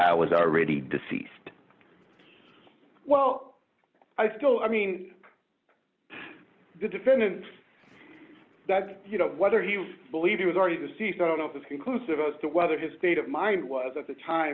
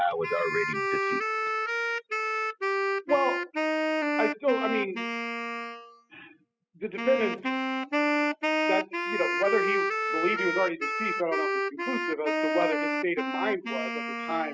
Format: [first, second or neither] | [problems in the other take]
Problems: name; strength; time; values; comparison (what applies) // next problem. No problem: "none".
first | noise reduction (classical method spectral subtraction)